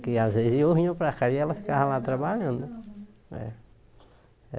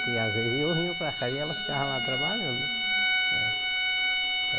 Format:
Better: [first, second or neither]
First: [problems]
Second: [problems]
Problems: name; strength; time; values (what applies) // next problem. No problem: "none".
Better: first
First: none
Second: background sound (Bowed string instrument); 5 dB above the speech